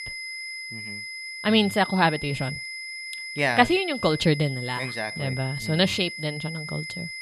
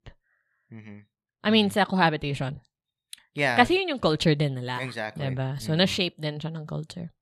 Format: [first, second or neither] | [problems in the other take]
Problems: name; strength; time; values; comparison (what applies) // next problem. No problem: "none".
second | high-pitched whine; loud; throughout; 2 kHz, 9 dB below the speech